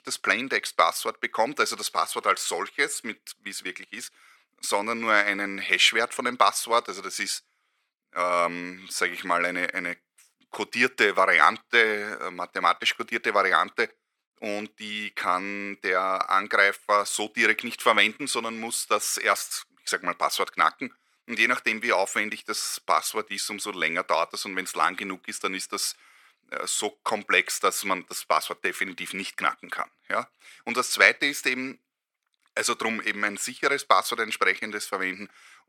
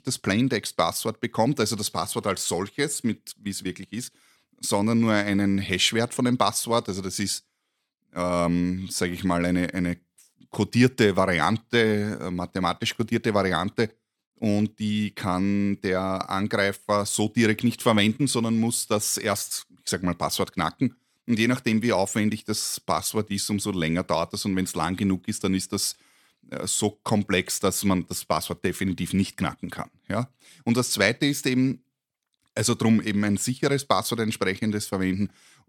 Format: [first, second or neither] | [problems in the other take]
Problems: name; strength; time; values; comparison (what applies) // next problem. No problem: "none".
second | thin; very; fading below 500 Hz